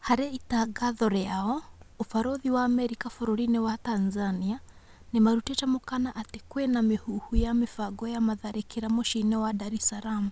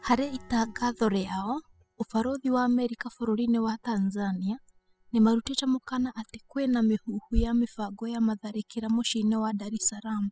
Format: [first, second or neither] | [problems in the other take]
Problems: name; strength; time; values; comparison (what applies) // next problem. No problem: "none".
first | noise reduction (classical method spectral subtraction)